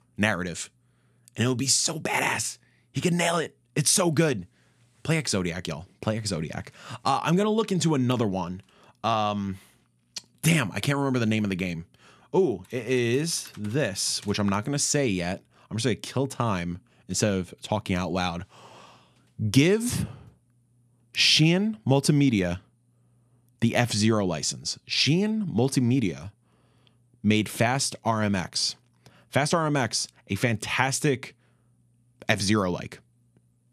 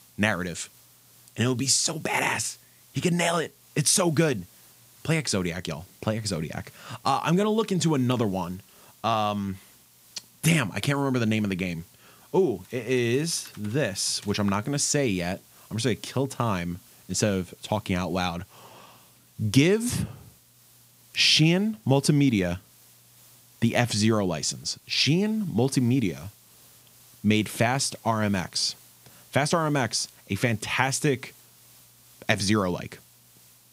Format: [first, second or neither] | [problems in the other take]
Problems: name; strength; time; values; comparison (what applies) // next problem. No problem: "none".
first | hiss; faint; throughout; 25 dB below the speech